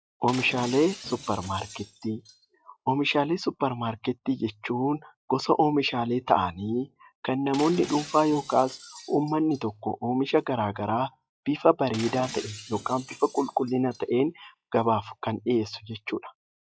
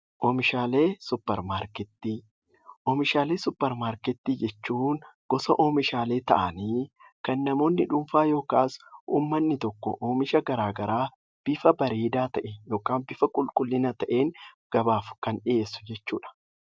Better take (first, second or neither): second